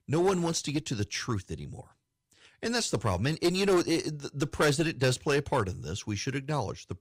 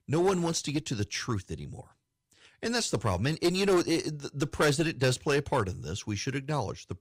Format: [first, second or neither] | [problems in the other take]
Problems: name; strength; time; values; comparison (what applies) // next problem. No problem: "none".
neither | distortion; slight; 6% of the sound clipped; the same in both